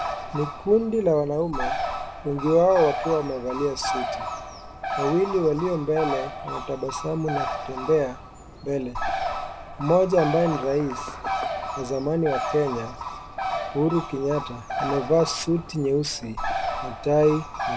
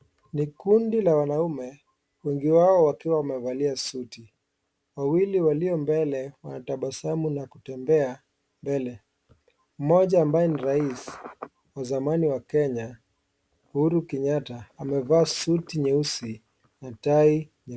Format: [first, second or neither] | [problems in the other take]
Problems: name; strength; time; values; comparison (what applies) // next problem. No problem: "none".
second | background sound (Bird); 6 dB below the speech